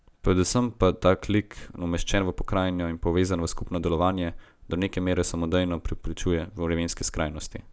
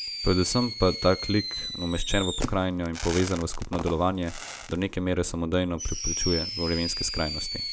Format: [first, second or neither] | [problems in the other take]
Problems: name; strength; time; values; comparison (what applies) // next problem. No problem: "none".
first | background sound (Fireworks); 8 dB below the speech